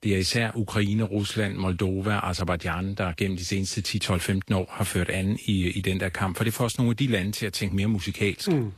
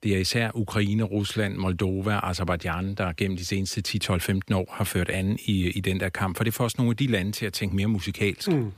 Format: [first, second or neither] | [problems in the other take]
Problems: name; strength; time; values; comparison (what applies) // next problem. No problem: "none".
second | garbled, watery; slightly; nothing above 12.5 kHz